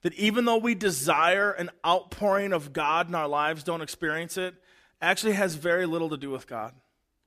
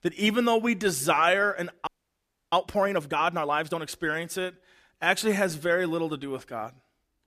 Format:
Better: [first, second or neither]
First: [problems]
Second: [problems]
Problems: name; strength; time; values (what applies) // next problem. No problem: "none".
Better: first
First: none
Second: audio freezing; at 2 s for 0.5 s